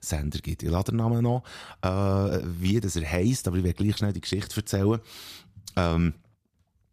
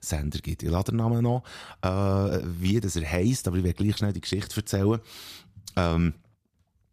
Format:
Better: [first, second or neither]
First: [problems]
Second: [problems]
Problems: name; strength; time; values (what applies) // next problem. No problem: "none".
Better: neither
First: none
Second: none